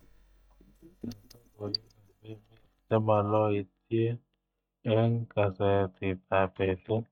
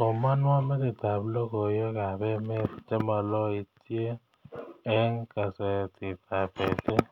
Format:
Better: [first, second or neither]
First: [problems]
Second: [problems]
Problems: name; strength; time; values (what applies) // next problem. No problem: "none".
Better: second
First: noise reduction (neural mask model DeepFilterNet 3)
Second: none